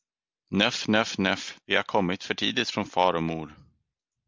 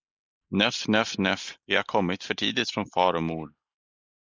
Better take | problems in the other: first | noise reduction (neural mask model Resemble Enhance denoiser)

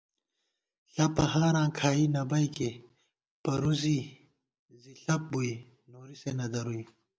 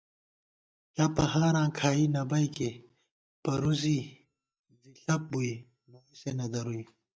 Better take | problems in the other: first | noise reduction (neural mask model DeepFilterNet 3)

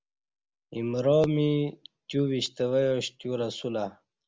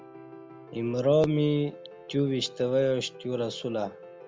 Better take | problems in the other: first | background sound (Piano); 18 dB below the speech

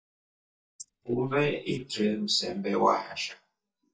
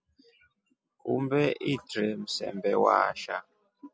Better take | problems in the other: second | noise reduction (neural mask model DeepFilterNet 3)

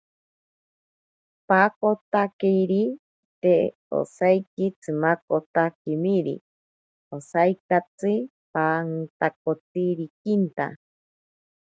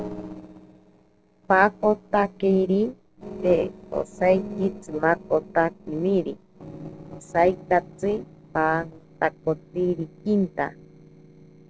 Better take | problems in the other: first | noise reduction (neural separator model SepFormer DNS4)

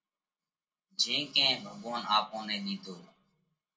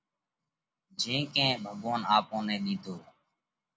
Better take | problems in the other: second | room echo; dies away in 0.2 s

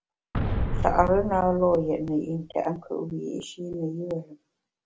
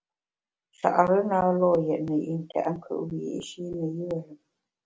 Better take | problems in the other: second | background sound (Boom); 3 dB below the speech

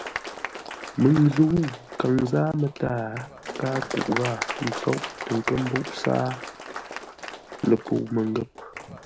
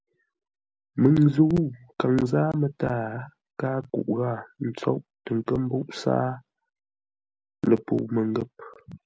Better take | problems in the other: second | background sound (Applause); 10 dB below the speech

